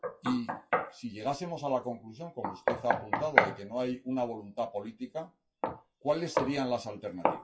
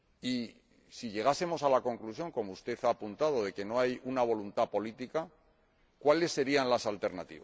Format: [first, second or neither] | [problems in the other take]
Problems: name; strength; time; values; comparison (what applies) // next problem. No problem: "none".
second | noise reduction (classical method WPE with log-MMSE)